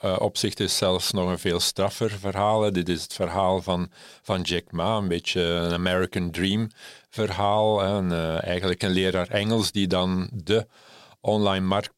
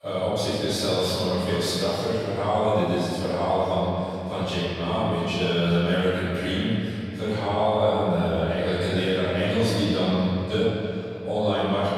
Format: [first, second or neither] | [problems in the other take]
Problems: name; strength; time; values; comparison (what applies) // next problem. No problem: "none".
first | off-mic speech; far // room echo; strong; dies away in 2.7 s